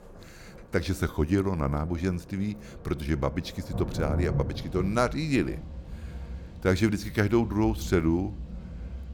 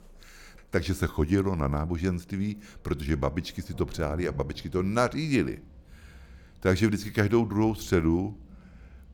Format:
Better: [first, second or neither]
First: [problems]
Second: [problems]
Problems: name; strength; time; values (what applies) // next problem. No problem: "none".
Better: second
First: rain or running water; loud; throughout; 9 dB below the speech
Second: rain or running water; faint; throughout; 20 dB below the speech